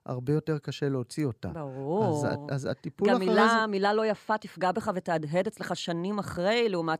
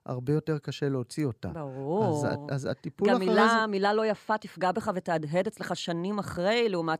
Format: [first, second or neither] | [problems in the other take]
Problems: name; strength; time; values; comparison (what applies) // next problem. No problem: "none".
neither | none